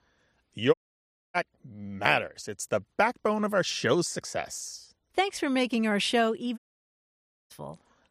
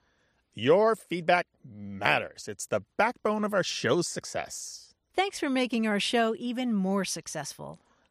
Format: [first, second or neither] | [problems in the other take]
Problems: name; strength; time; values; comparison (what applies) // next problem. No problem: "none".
second | audio cutting out; at 0.5 s for 0.5 s and at 6.5 s for 1 s